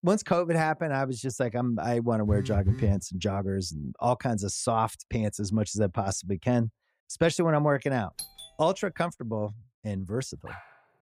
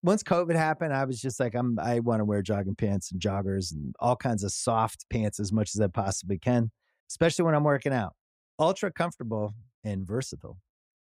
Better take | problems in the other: second | phone ringing; loud; at 2.5 s; peak 1 dB above the speech // doorbell; faint; at 8 s; peak 10 dB below the speech // dog barking; faint; at 10 s; peak 15 dB below the speech

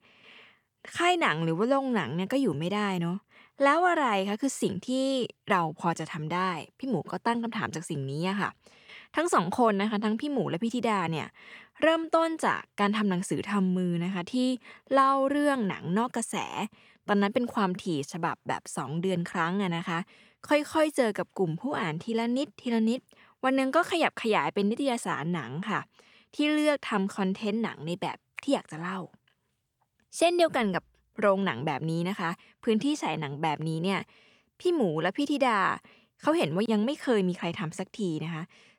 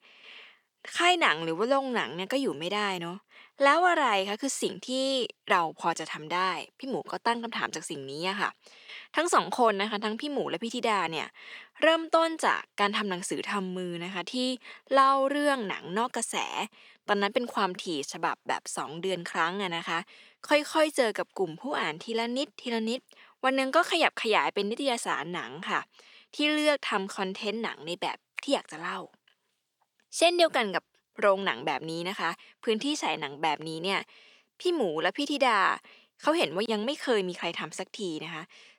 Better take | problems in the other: first | thin; very slightly; fading below 350 Hz

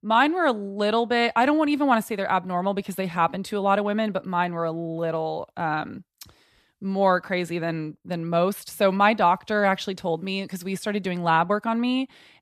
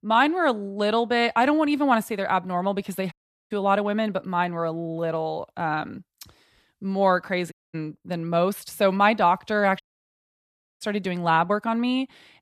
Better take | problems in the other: first | audio cutting out; at 3 s, at 7.5 s and at 10 s for 1 s

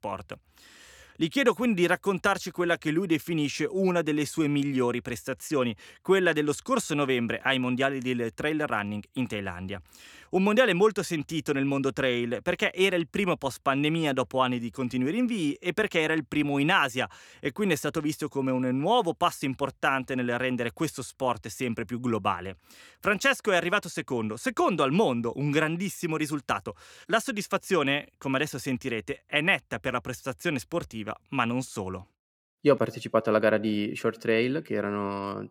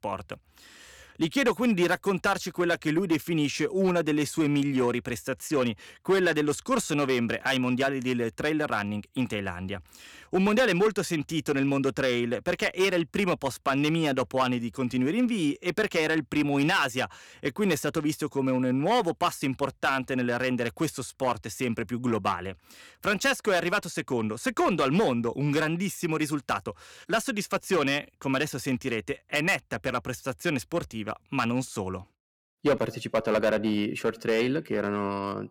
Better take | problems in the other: first | distortion; slight; 4% of the sound clipped

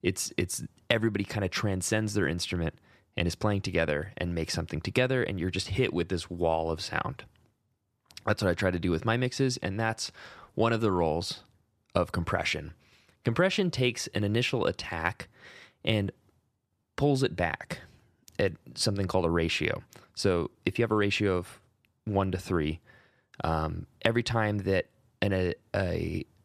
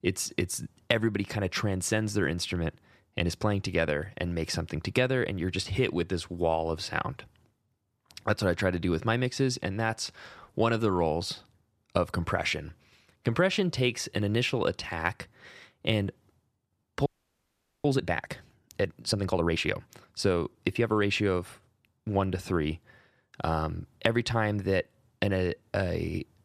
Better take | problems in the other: first | audio freezing; at 17 s for 1 s

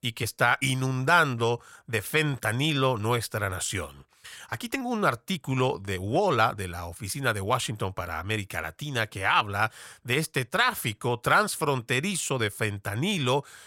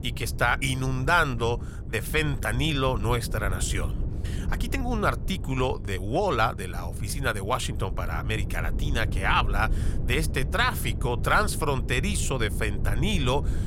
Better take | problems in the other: first | wind noise on the microphone; occasional gusts; 20 dB below the speech

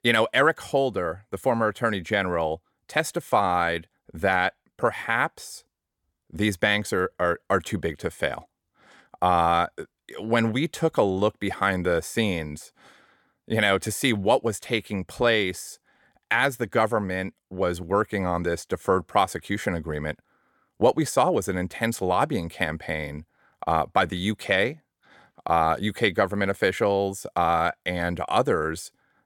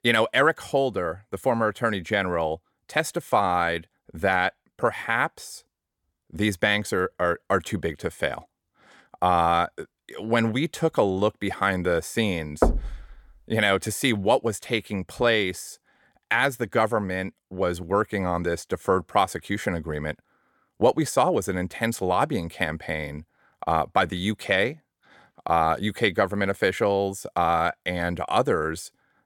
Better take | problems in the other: first | door banging; loud; at 13 s; peak level with the speech

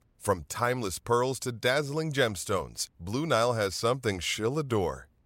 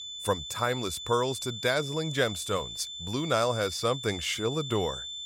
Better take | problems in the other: first | high-pitched whine; loud; throughout; 3.5 kHz, 7 dB below the speech

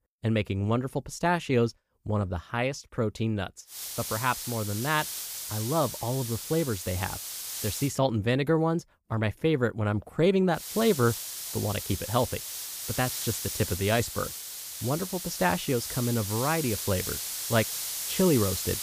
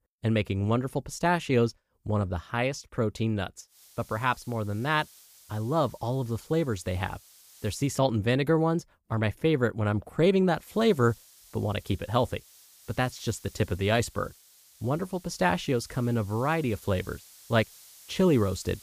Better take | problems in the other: second | hiss; loud; from 3.5 to 8 s and from 11 s on; 5 dB below the speech; faint in the second

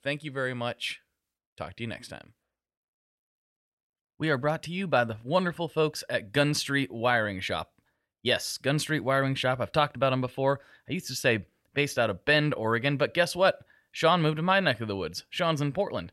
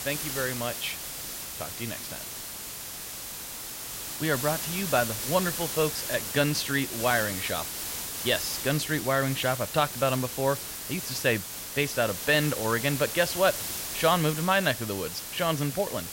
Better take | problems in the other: first | hiss; loud; throughout; 5 dB below the speech

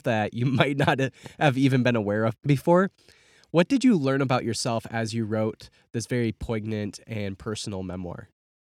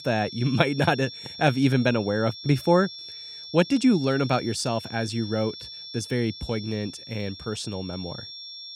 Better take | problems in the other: first | high-pitched whine; noticeable; throughout; 5.5 kHz, 15 dB below the speech

